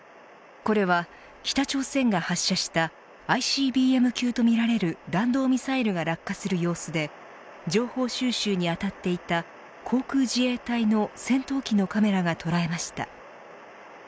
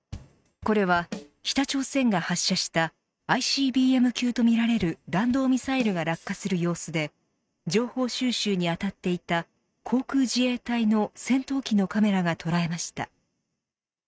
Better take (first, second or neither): first